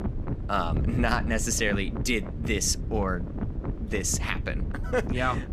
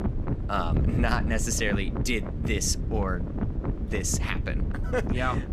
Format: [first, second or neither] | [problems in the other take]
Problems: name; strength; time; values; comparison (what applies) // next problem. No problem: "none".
first | wind noise on the microphone; heavy; 9 dB below the speech; occasional gusts in the first